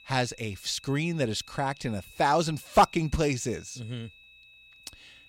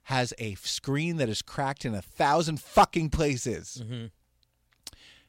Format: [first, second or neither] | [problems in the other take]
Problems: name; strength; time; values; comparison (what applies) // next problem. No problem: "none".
second | high-pitched whine; faint; throughout; 2.5 kHz, 25 dB below the speech